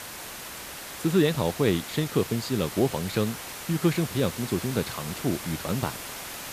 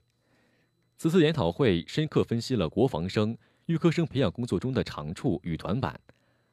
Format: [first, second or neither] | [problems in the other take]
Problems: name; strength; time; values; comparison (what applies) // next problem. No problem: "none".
second | hiss; loud; throughout; 9 dB below the speech